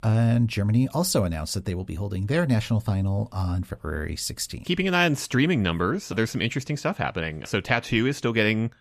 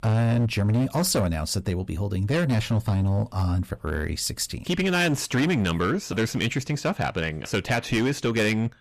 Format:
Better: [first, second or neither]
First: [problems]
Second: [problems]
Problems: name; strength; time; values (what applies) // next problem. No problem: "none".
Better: first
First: none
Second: distortion; slight; 12% of the sound clipped